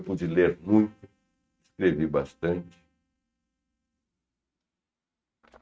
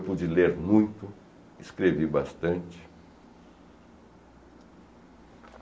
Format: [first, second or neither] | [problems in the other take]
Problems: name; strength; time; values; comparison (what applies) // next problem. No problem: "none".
second | noise reduction (neural mask model RNNoise)